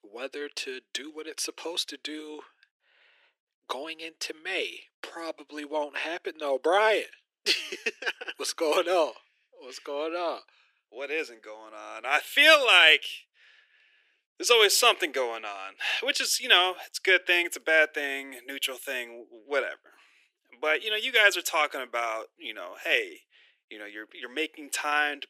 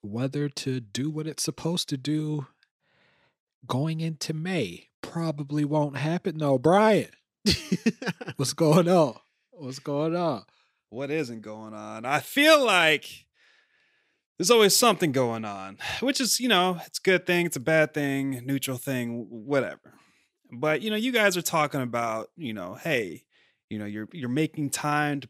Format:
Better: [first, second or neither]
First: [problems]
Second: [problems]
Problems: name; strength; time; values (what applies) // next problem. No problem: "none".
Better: second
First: thin; very; fading below 350 Hz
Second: none